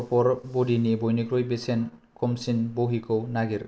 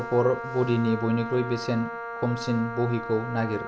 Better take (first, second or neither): first